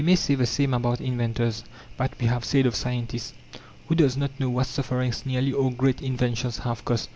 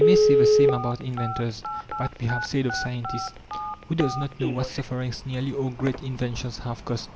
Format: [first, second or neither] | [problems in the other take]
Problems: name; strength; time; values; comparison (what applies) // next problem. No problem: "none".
first | background sound (Telephone); 2 dB above the speech